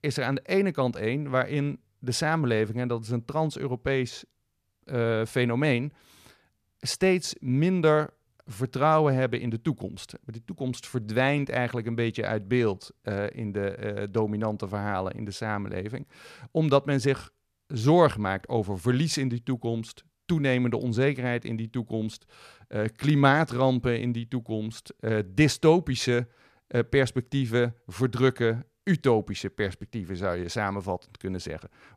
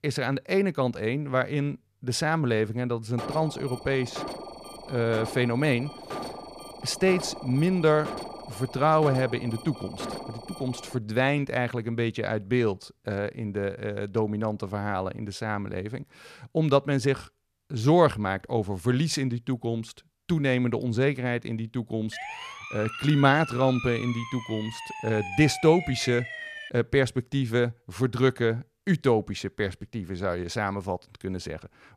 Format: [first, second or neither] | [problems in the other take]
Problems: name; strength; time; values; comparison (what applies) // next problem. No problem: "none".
first | alarm; noticeable; from 3 to 11 s; peak 9 dB below the speech // siren; noticeable; from 22 to 27 s; peak 7 dB below the speech